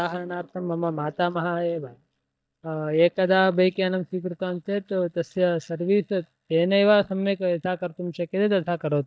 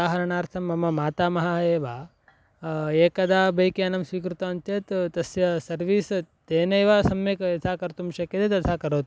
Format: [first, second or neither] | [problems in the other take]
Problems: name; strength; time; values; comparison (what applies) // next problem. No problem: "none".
second | noise reduction (neural mask model DeepFilterNet 3)